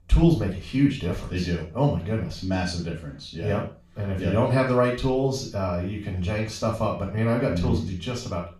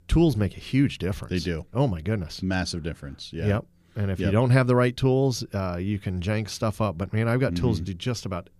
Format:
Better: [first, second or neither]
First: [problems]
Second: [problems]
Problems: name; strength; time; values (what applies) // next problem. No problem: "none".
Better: second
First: room echo; noticeable; dies away in 0.3 s // off-mic speech; far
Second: none